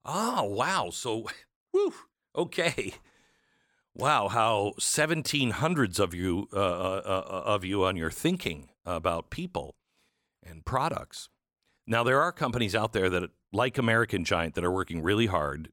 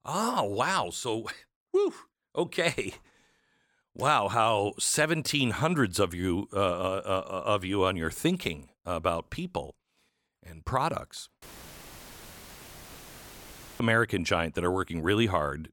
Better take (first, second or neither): first